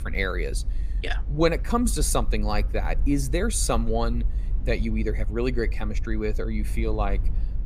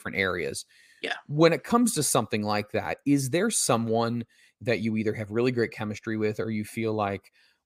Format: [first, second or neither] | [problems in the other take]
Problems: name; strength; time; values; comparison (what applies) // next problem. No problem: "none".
second | low rumble; faint; throughout; 20 dB below the speech